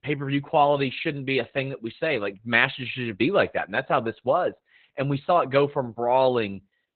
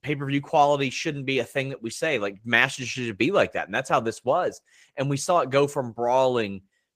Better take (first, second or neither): second